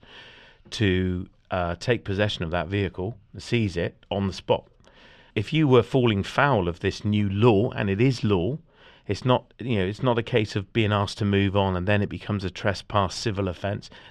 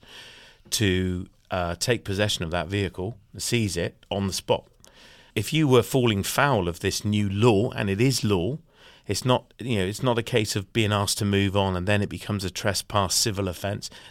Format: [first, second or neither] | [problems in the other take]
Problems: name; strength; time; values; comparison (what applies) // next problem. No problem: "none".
second | muffled; slightly; fading above 3 kHz